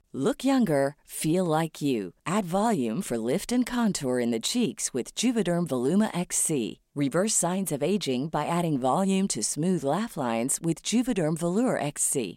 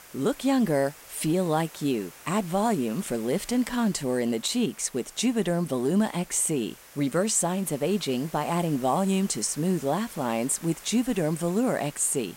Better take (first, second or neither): first